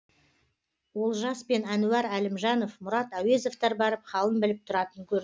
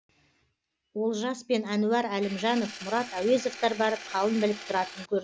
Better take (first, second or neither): first